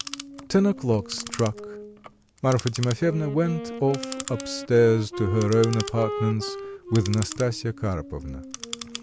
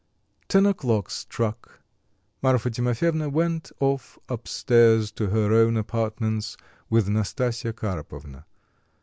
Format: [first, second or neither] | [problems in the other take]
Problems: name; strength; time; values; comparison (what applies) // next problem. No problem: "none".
second | background sound (Clock + Wind instrument, woodwind instrument); 10 dB below the speech